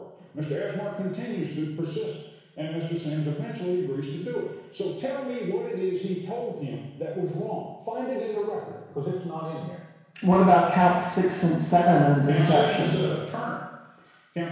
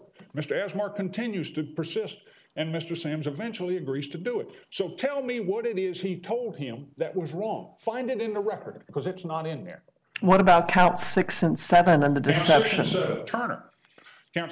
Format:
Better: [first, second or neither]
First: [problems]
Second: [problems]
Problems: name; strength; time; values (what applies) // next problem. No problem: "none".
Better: second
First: room echo; dies away in 1.1 s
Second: none